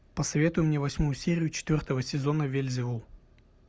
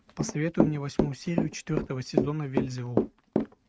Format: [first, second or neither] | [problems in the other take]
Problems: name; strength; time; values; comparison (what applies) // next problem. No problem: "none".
first | noise reduction (neural mask model RNNoise)